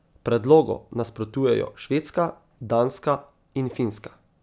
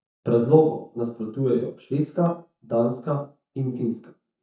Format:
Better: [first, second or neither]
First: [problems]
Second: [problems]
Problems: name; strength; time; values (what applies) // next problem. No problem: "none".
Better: first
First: none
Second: noise reduction (neural mask model DeepFilterNet 3)